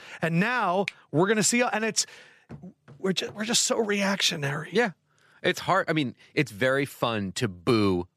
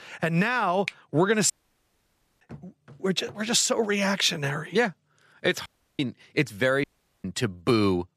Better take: first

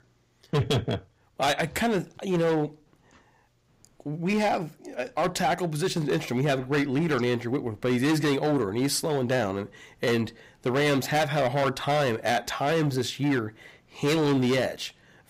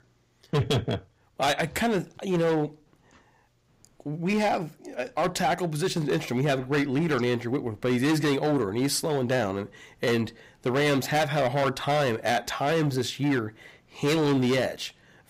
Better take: neither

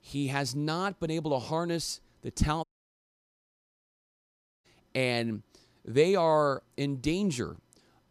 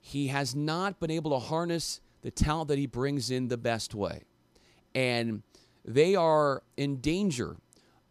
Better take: second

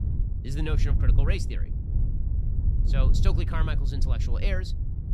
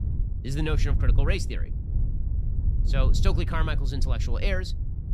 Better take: second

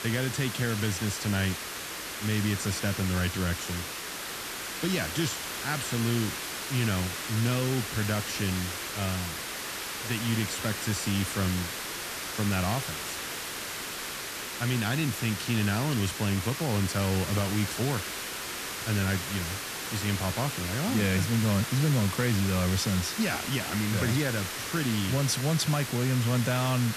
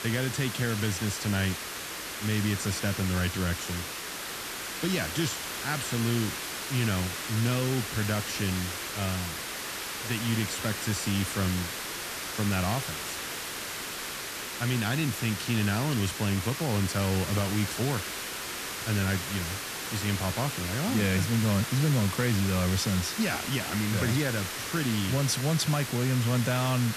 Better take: neither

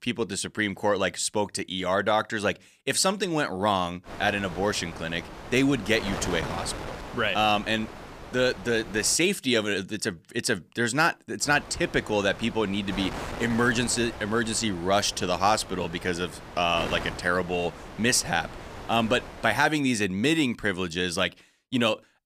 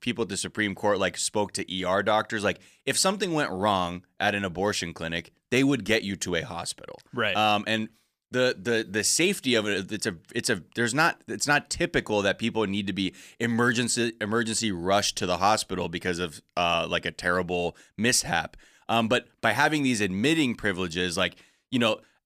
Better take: second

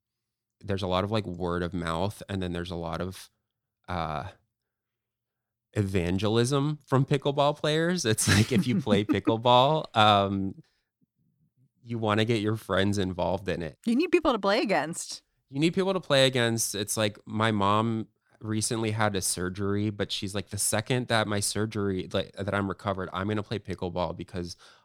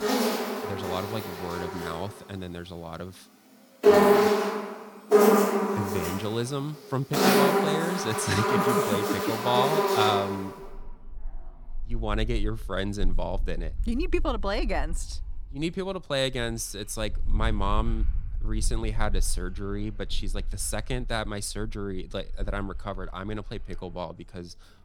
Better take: first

